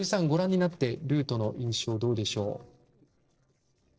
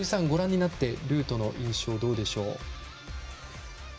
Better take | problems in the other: second | noise reduction (neural separator model SepFormer DNS4)

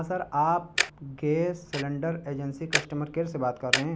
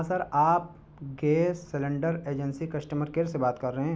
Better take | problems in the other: second | background sound (Tick-tock); 5 dB below the speech

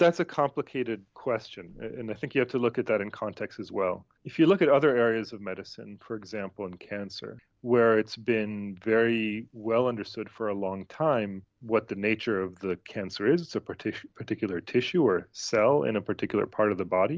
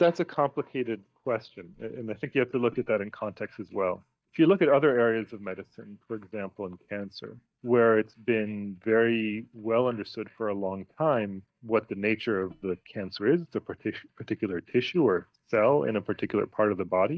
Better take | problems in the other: first | noise reduction (neural mask model DeepFilterNet 3)

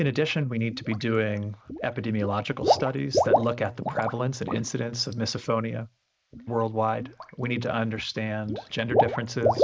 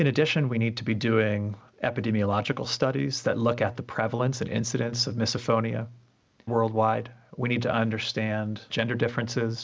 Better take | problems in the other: second | noise reduction (neural mask model Resemble Enhance denoiser)

